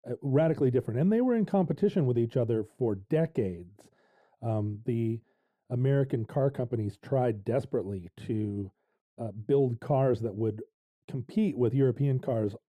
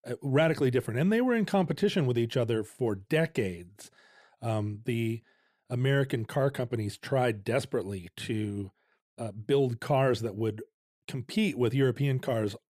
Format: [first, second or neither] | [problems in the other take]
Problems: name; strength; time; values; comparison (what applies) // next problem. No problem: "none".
second | muffled; slightly; fading above 1 kHz